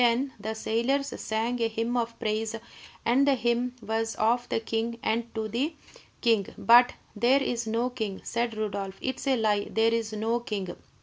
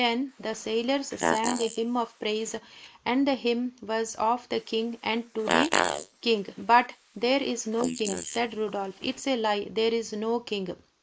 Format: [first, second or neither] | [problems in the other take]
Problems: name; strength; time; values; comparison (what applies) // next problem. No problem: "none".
first | noise reduction (neural mask model Resemble Enhance denoiser)